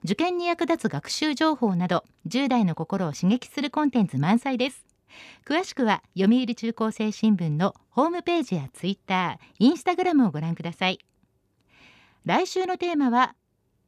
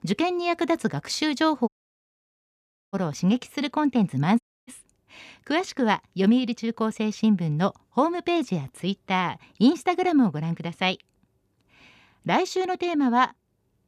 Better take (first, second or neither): first